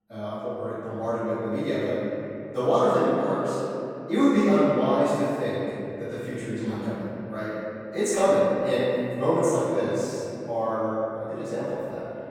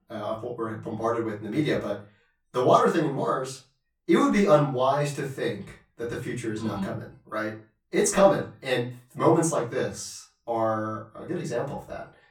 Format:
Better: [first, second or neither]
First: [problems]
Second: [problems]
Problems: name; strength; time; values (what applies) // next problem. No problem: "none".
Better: second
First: room echo; strong; dies away in 2.9 s // off-mic speech; far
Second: room echo; slight; dies away in 0.3 s // off-mic speech; far